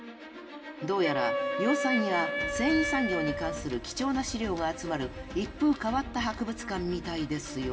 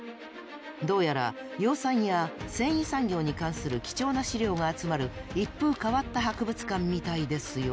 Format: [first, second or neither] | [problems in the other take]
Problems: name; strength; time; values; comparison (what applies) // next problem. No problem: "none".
second | background sound (Wind instrument, woodwind instrument); 2 dB below the speech // room echo; dies away in 1.5 s